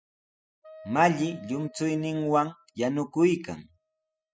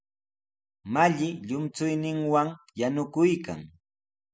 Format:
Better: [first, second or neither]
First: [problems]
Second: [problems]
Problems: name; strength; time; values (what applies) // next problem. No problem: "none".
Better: second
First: noise reduction (classical method spectral subtraction)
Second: none